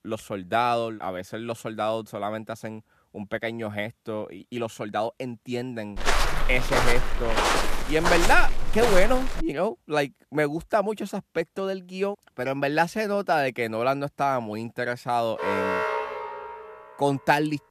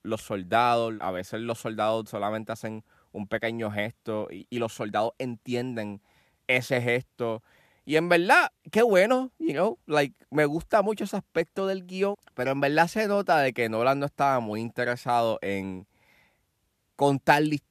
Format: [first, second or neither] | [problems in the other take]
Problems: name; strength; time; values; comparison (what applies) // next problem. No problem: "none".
second | footsteps; loud; from 6 to 9.5 s; peak 4 dB above the speech // alarm; loud; from 15 to 17 s; peak 1 dB above the speech